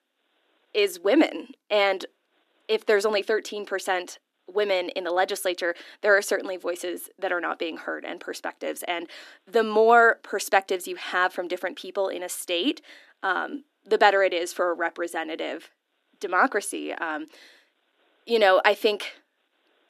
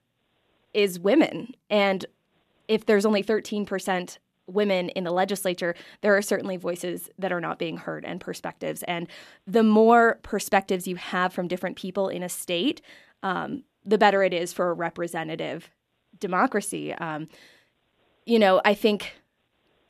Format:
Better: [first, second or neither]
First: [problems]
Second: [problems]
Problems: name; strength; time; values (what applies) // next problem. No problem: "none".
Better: second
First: thin; somewhat; fading below 300 Hz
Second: none